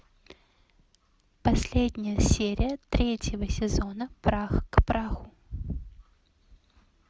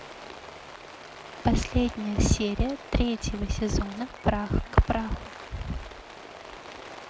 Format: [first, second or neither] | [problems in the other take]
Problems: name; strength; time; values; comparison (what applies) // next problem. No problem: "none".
first | background sound (Rain); 15 dB below the speech